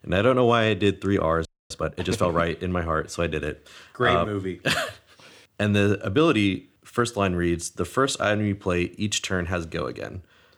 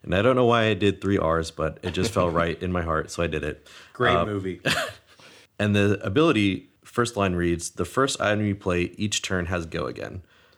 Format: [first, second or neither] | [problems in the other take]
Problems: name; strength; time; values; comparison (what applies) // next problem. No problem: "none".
second | audio freezing; at 1.5 s